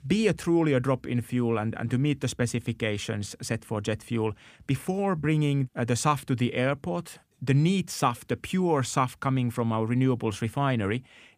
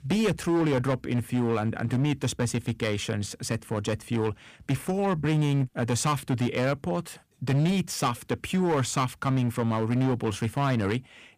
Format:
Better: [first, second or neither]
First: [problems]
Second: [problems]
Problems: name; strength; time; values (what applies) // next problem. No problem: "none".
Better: first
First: none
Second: distortion; slight; 13% of the sound clipped